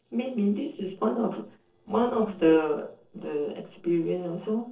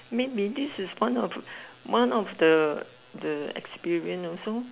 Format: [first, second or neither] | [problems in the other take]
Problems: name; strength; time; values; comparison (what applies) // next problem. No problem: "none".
second | noise reduction (neural separator model SepFormer DNS4)